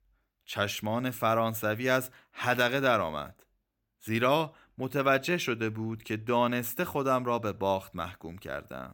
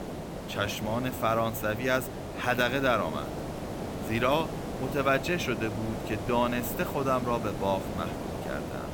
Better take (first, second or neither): first